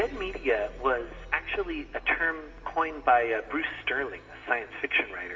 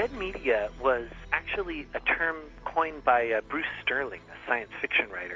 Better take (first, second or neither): second